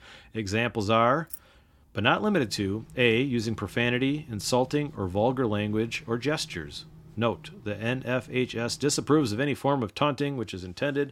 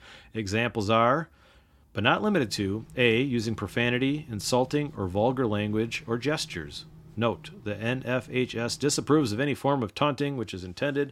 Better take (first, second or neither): second